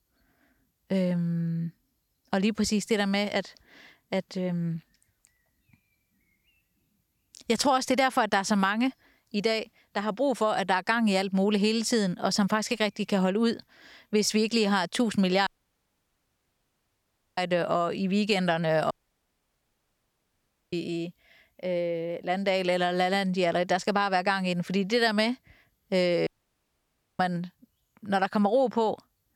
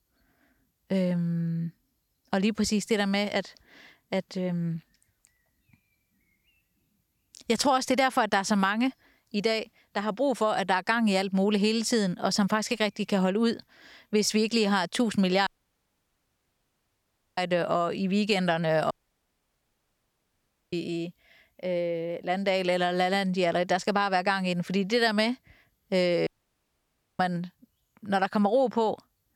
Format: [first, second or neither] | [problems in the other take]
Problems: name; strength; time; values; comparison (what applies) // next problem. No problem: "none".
neither | audio cutting out; at 15 s for 2 s, at 19 s for 2 s and at 26 s for 1 s; the same in both